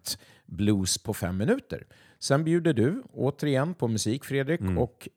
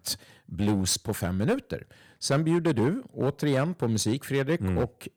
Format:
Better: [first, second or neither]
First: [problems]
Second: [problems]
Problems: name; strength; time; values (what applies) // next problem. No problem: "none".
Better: first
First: none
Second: distortion; slight; 7% of the sound clipped